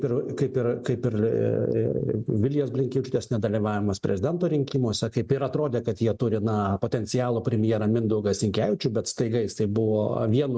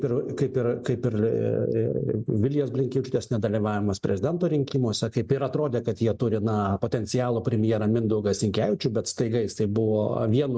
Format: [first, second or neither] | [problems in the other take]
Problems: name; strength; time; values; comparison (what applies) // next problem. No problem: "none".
first | noise reduction (neural mask model Resemble Enhance denoiser)